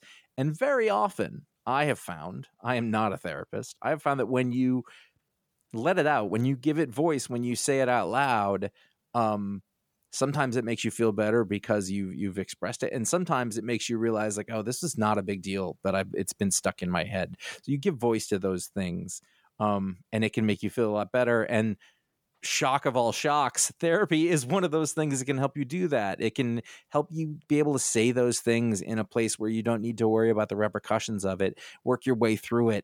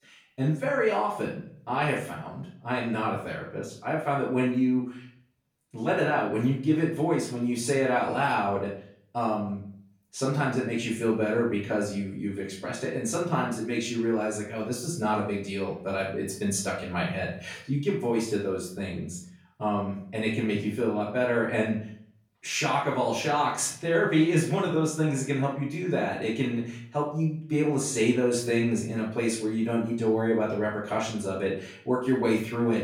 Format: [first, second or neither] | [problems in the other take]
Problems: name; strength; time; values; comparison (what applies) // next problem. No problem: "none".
first | off-mic speech; far // room echo; noticeable; dies away in 0.5 s